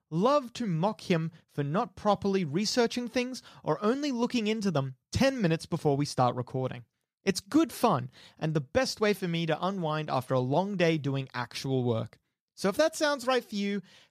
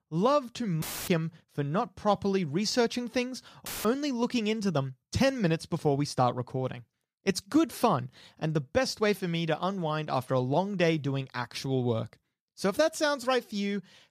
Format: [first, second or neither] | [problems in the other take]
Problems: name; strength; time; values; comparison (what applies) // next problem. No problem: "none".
first | audio cutting out; filled with static; at 1 s and at 3.5 s